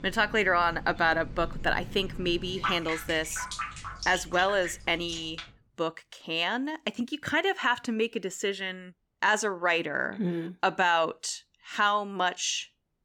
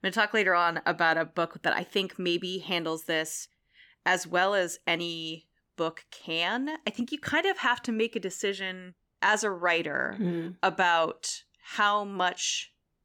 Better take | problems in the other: second | household noises; noticeable; until 5.5 s; 10 dB below the speech

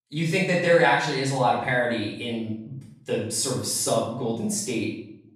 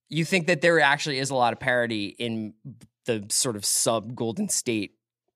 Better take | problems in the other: second | off-mic speech; far // room echo; noticeable; dies away in 0.7 s

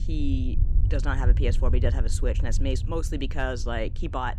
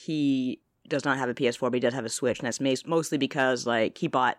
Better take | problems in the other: second | wind noise on the microphone; occasional gusts; 15 dB below the speech

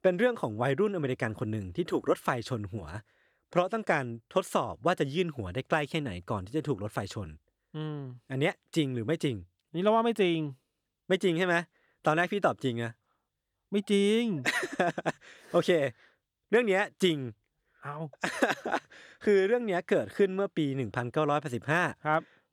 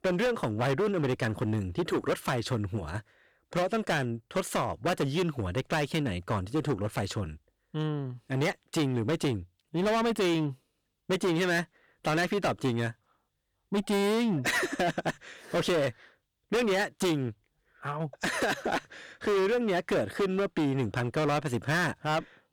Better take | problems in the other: first | distortion; heavy; 15% of the sound clipped

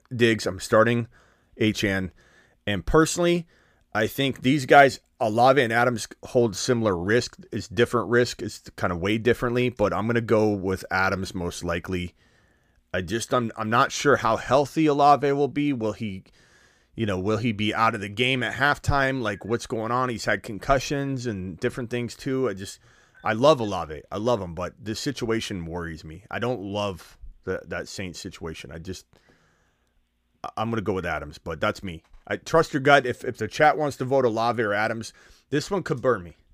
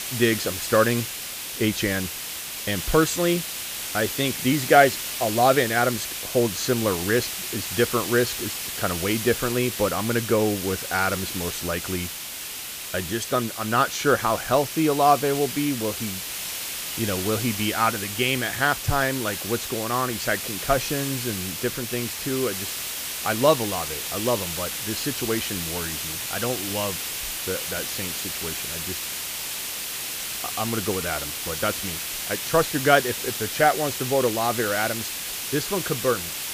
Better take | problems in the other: first | hiss; loud; throughout; 4 dB below the speech

